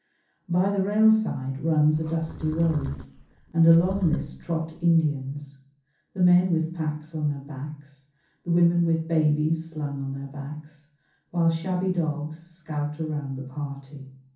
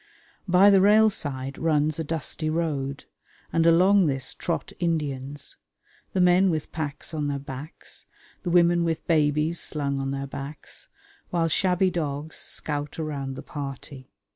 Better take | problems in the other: second | background sound (Livestock, farm animals, working animals); 14 dB below the speech // room echo; dies away in 0.6 s

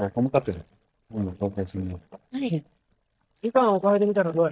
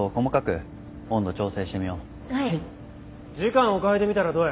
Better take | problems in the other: second | noise reduction (neural mask model DeepFilterNet 3)

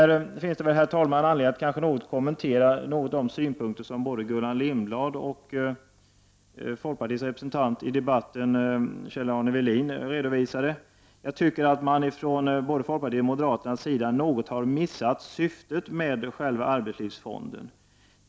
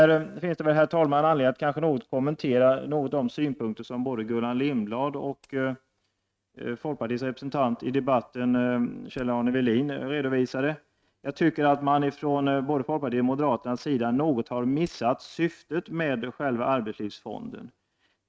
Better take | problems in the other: first | noise reduction (neural mask model RNNoise)

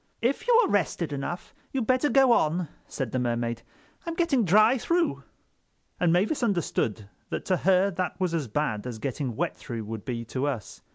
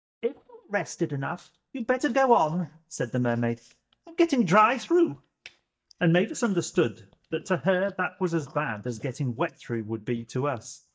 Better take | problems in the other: first | noise reduction (neural mask model DeepFilterNet 3)

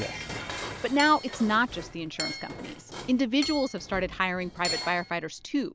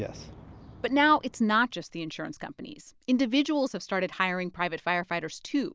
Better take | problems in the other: second | background sound (Hammer / Chink, clink + Dishes, pots, and pans); 10 dB below the speech

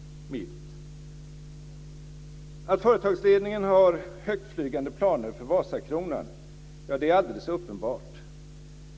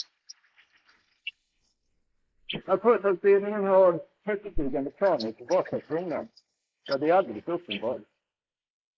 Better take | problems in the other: first | noise reduction (neural mask model Resemble Enhance denoiser)

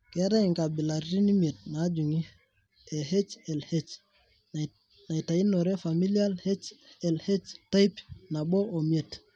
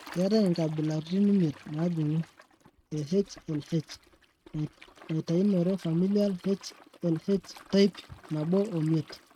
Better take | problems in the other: first | noise reduction (neural mask model RNNoise)

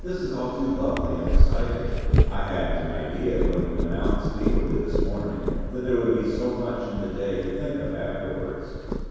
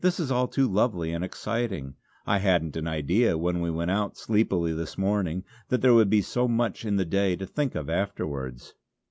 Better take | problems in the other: second | background sound (Purr); 2 dB above the speech // room echo; dies away in 2.2 s

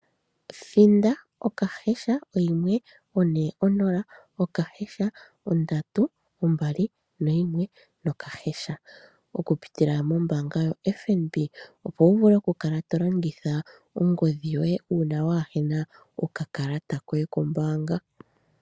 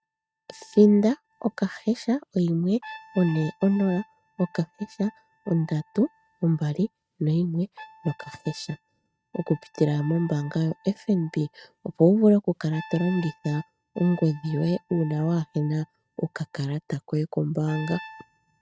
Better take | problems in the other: first | noise reduction (neural mask model RNNoise)

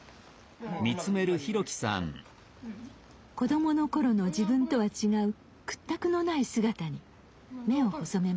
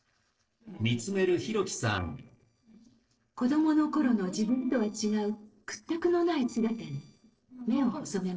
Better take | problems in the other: first | noise reduction (neural separator model SepFormer DNS4)

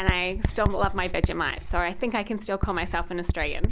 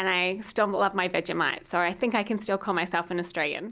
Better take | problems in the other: second | background sound (Writing); as loud as the speech

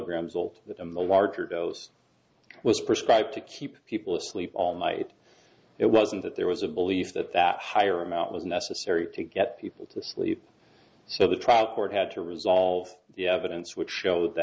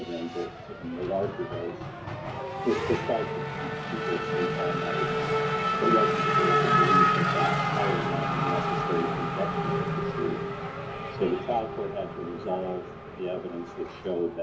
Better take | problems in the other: first | background sound (Race car, auto racing / Accelerating, revving, vroom); 4 dB above the speech // room echo; dies away in 0.3 s

